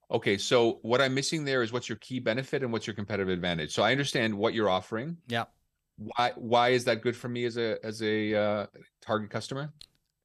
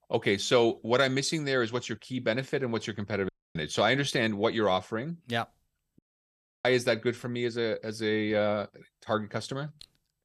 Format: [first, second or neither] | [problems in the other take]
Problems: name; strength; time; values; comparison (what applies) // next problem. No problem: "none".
first | audio cutting out; at 3.5 s and at 6 s for 0.5 s